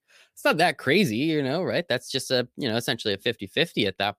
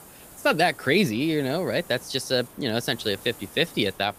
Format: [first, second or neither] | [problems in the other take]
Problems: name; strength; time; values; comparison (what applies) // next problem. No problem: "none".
first | hiss; noticeable; throughout; 20 dB below the speech